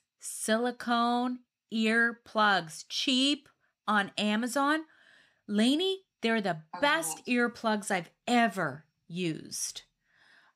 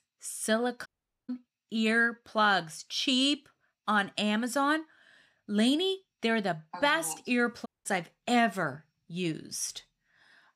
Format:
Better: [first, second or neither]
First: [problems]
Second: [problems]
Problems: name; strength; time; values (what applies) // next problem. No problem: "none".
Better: first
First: none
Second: audio cutting out; at 1 s and at 7.5 s